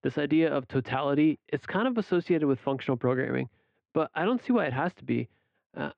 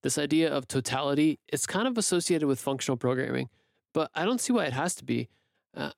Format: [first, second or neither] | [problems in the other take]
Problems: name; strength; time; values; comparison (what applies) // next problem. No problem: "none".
second | muffled; very; fading above 2.5 kHz